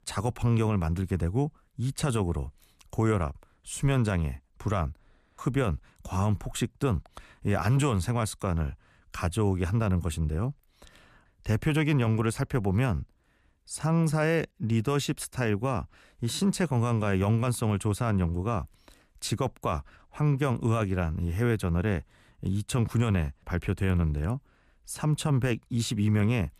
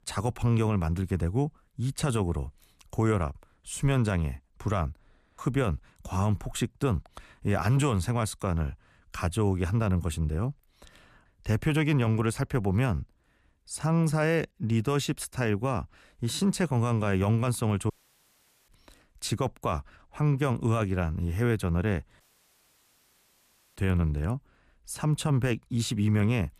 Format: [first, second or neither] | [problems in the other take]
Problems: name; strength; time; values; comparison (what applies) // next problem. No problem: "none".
first | audio cutting out; at 18 s for 1 s and at 22 s for 1.5 s